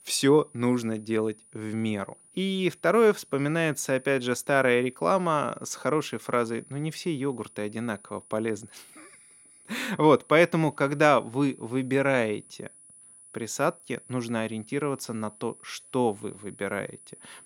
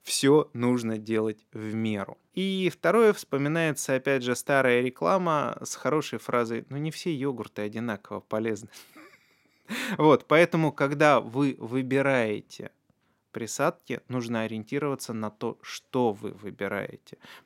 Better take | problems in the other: second | high-pitched whine; faint; throughout; 10 kHz, 25 dB below the speech

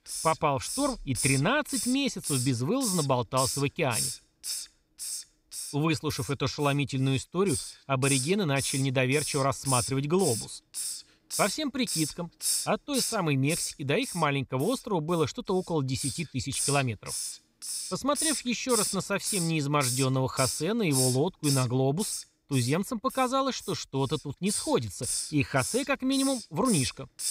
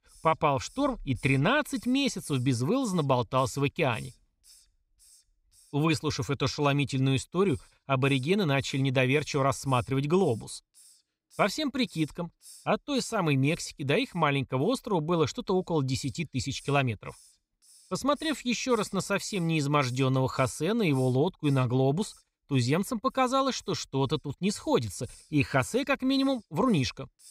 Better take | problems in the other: second | hiss; loud; throughout; 4 dB below the speech; faint in the second

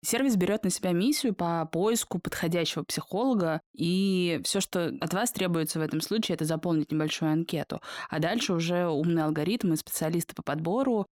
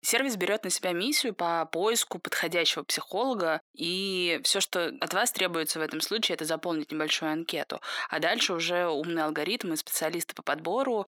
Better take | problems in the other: first | thin; somewhat; fading below 400 Hz

